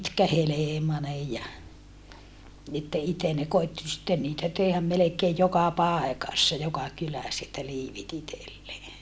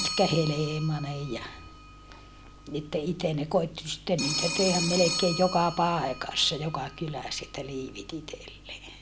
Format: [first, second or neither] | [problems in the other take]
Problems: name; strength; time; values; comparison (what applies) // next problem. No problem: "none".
first | background sound (Telephone); 8 dB below the speech